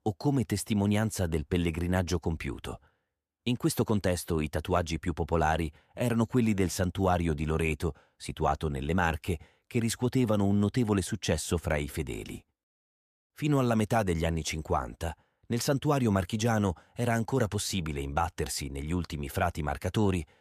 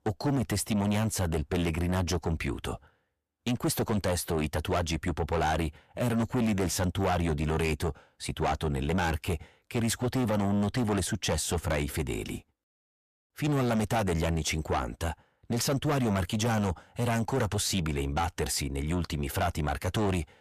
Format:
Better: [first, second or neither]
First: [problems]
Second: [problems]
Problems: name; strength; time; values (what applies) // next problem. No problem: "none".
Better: first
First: none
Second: distortion; heavy; 7 dB below the speech